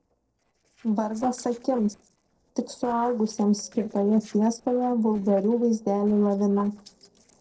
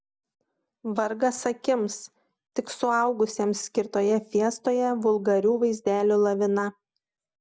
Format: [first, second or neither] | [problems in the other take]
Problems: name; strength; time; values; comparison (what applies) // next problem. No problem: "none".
second | noise reduction (neural separator model SepFormer DNS4)